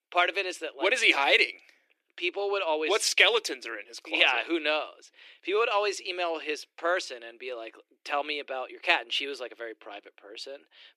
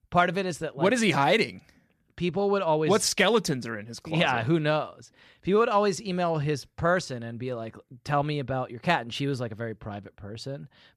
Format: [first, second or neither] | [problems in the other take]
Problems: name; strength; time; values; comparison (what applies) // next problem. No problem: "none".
second | thin; very; fading below 300 Hz